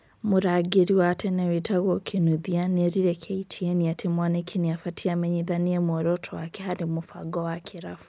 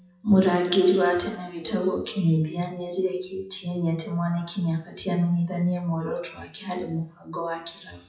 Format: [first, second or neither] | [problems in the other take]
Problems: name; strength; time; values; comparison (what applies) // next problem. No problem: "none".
first | noise reduction (classical method WPE with log-MMSE)